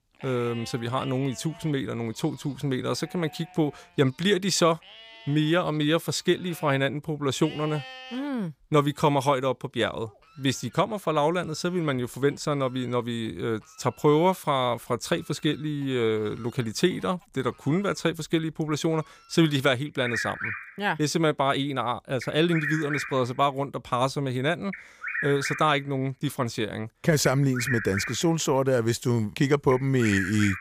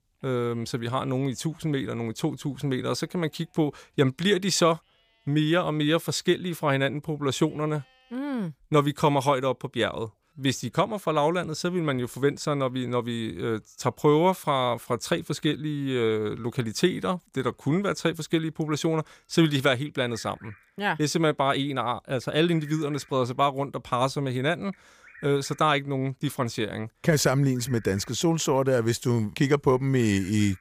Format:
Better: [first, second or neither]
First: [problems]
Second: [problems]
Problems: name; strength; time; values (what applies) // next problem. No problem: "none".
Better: second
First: animal sounds; loud; throughout; 9 dB below the speech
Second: animal sounds; faint; throughout; 30 dB below the speech